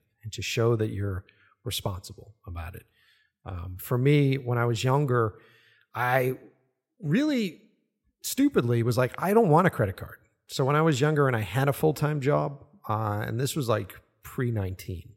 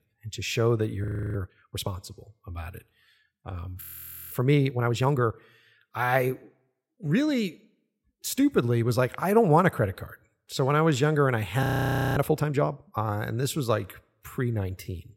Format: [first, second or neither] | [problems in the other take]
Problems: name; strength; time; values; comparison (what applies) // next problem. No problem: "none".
first | audio freezing; at 1 s, at 4 s and at 12 s for 0.5 s